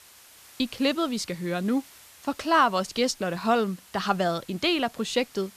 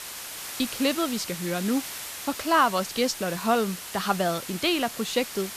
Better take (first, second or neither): first